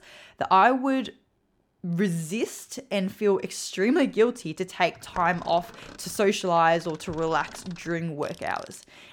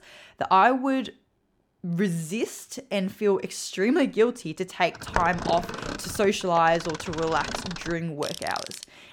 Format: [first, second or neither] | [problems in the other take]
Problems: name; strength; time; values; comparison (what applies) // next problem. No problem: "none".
first | machinery noise; loud; from 4.5 s on; 9 dB below the speech; faint in the first